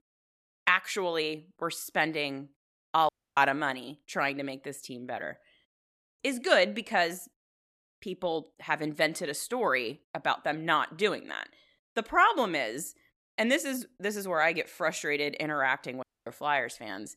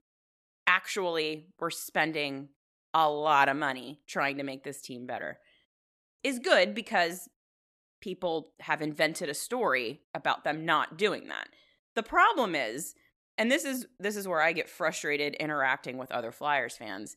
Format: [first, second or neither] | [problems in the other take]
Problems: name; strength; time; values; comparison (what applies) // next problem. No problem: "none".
second | audio cutting out; at 3 s and at 16 s